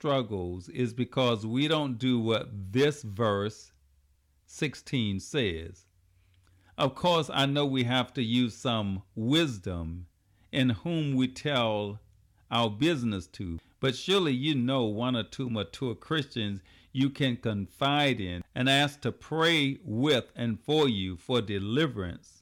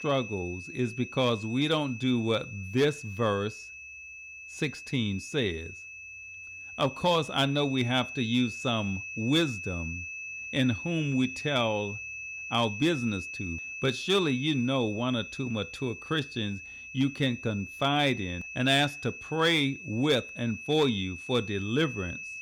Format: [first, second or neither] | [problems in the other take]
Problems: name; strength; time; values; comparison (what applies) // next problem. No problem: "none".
first | high-pitched whine; loud; throughout; 2.5 kHz, 10 dB below the speech